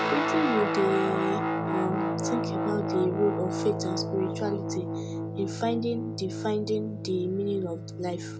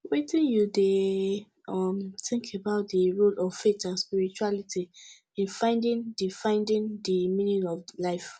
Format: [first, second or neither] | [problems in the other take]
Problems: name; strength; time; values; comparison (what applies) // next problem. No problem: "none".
second | background sound (Guitar); as loud as the speech